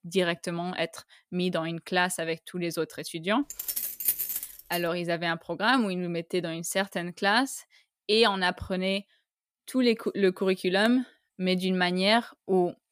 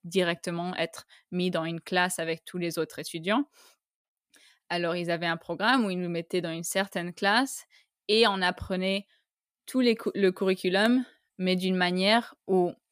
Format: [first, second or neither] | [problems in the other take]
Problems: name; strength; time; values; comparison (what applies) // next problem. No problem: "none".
second | jangling keys; loud; from 3.5 to 5 s; peak 1 dB above the speech